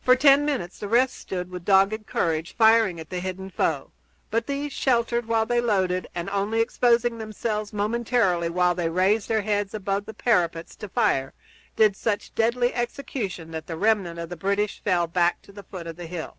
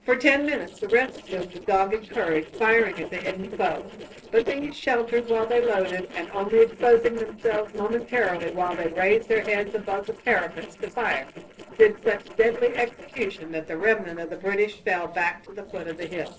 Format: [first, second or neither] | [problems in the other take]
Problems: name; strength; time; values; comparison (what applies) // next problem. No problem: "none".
first | noise reduction (neural separator model SepFormer DNS4)